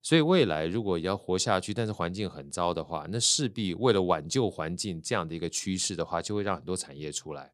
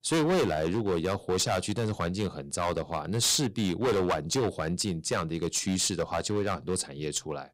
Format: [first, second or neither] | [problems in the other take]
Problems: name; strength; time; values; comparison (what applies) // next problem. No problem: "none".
first | distortion; heavy; 11% of the sound clipped